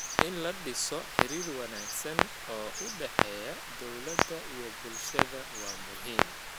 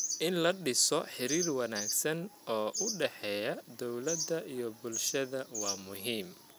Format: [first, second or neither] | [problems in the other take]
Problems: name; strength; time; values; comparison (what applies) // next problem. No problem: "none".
second | background sound (Clock); 5 dB above the speech